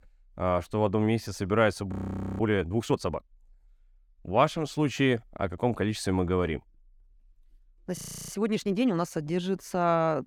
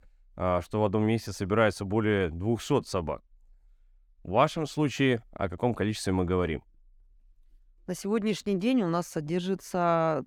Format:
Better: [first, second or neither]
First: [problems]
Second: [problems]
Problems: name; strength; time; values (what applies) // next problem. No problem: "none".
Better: second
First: audio freezing; at 2 s and at 8 s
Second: none